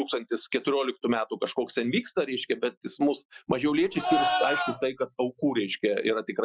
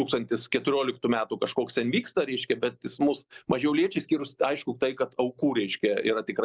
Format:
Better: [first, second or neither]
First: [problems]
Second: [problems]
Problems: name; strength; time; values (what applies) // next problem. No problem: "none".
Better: second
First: noise reduction (classical method Wiener filter)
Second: none